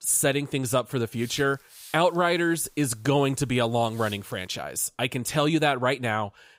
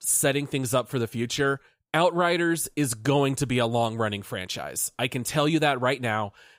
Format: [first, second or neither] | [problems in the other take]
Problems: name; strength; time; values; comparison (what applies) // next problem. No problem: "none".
second | hiss; faint; from 1 to 4.5 s; 25 dB below the speech